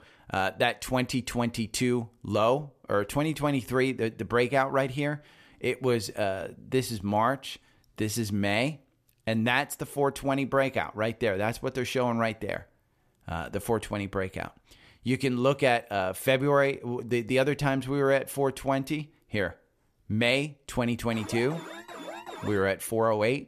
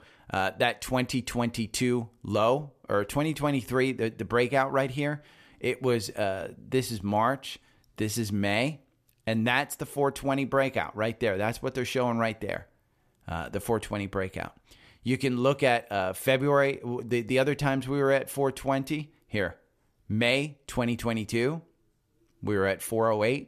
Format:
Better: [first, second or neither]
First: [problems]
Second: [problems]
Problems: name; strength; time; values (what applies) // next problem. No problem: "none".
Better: second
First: alarm; faint; from 21 to 23 s; peak 10 dB below the speech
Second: none